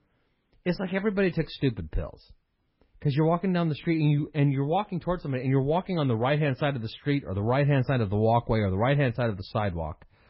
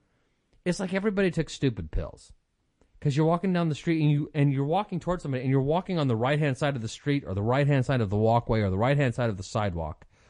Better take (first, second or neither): second